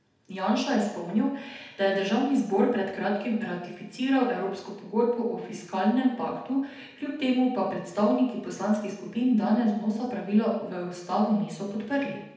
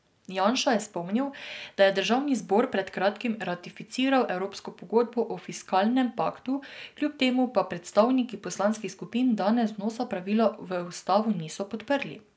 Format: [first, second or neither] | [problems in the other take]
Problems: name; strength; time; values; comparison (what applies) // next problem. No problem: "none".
second | room echo; dies away in 0.8 s